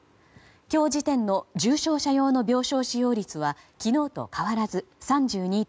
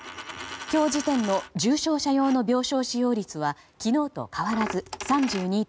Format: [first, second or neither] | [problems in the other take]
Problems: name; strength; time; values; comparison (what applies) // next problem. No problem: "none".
first | background sound (Coin (dropping)); 14 dB below the speech